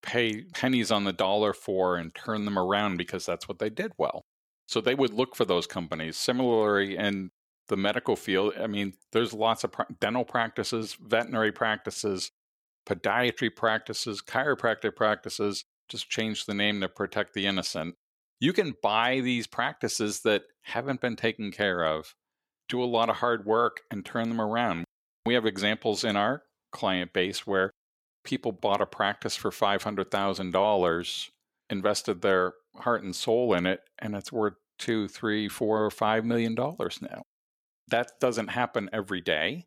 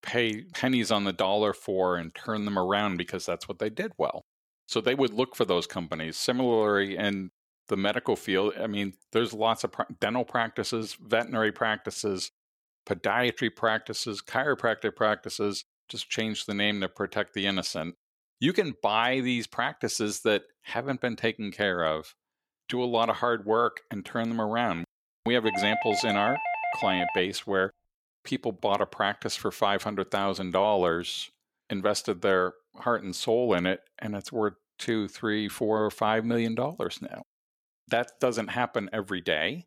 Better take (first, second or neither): first